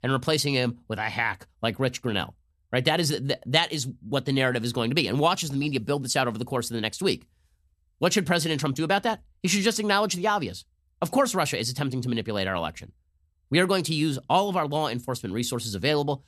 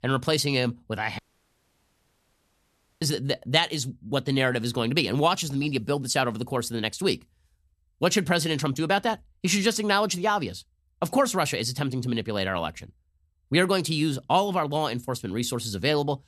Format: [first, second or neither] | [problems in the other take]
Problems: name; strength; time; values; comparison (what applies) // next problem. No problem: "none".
first | audio cutting out; at 1 s for 2 s